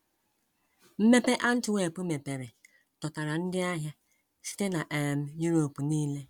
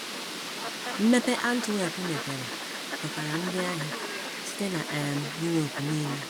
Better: first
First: none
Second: background sound (Fowl); 5 dB below the speech

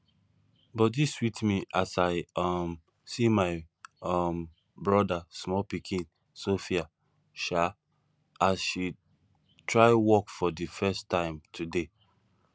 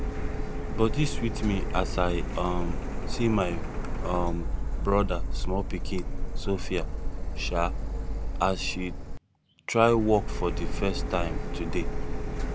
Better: first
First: none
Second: background sound (Printer); 1 dB above the speech

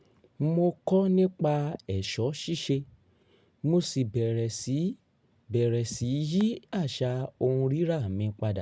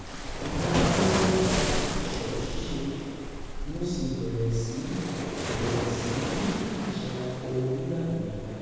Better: first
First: none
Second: background sound (Waves, surf); as loud as the speech // room echo; dies away in 2.1 s

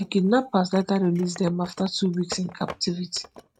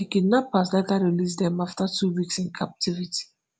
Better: second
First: noise reduction (neural mask model RNNoise)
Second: none

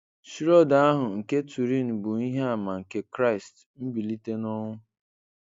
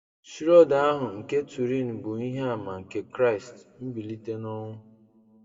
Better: first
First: none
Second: room echo; dies away in 1.9 s

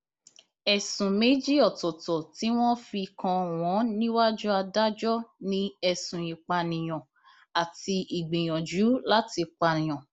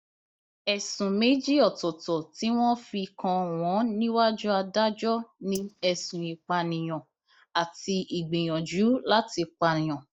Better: first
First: none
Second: noise reduction (neural mask model DeepFilterNet 3)

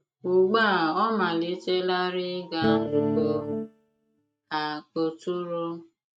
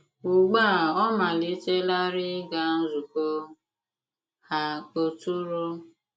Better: second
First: noise reduction (neural mask model RNNoise)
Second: none

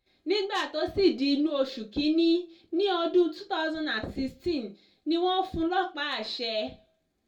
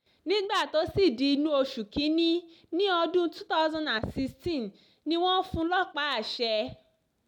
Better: second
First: room echo; dies away in 0.2 s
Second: none

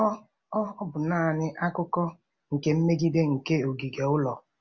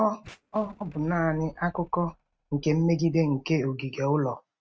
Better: first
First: none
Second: noise reduction (neural mask model RNNoise)

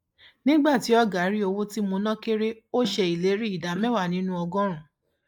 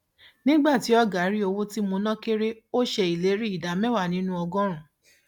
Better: second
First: noise reduction (neural mask model Resemble Enhance denoiser)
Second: none

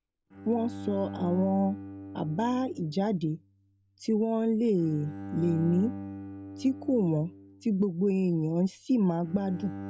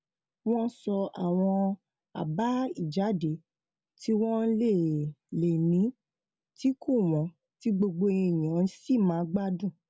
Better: second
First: background sound (Bowed string instrument); 13 dB below the speech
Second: none

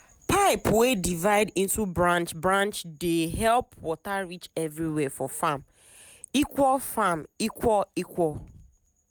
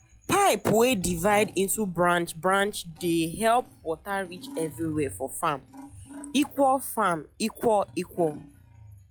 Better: first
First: none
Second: noise reduction (classical method log-MMSE)

